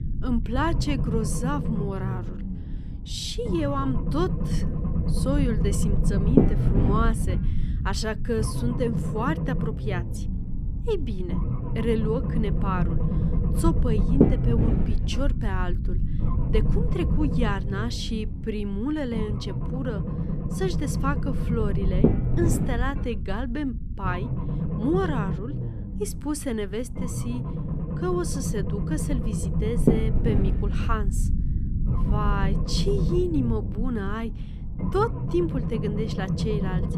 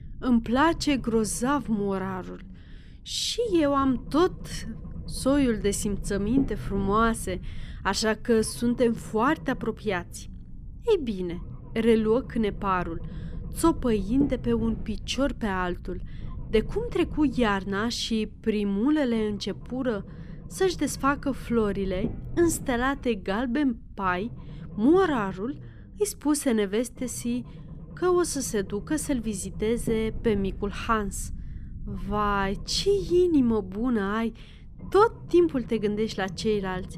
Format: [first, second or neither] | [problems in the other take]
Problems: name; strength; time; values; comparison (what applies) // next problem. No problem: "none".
second | low rumble; loud; throughout; 4 dB below the speech; faint in the second